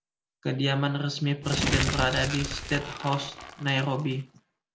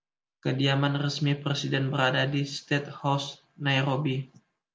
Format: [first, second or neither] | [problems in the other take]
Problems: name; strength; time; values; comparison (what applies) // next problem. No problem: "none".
second | background sound (Crumpling, crinkling); 4 dB below the speech